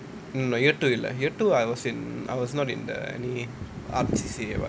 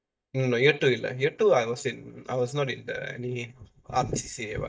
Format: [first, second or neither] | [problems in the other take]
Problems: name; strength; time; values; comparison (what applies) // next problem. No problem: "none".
first | noise reduction (neural mask model DeepFilterNet 3)